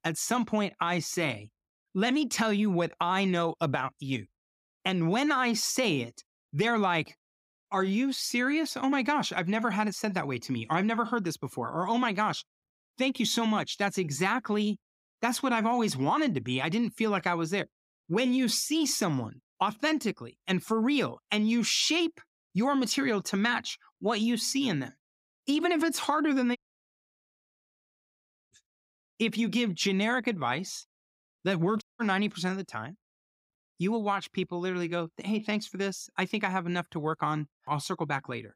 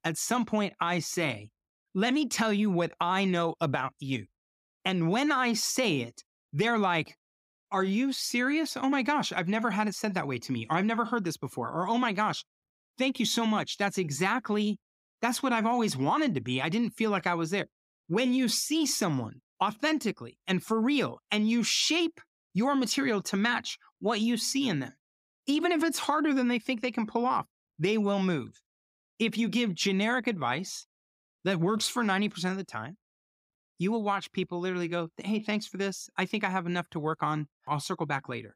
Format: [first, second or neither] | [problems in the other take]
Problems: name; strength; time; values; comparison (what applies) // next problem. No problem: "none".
second | audio cutting out; at 27 s for 2 s and at 32 s